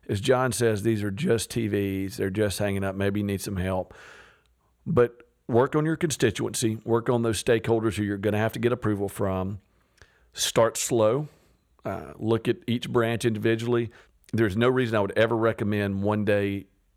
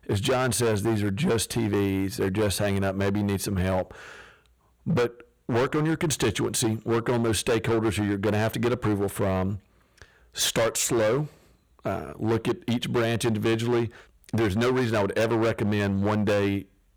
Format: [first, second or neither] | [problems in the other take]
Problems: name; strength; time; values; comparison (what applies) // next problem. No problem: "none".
first | distortion; heavy; 16% of the sound clipped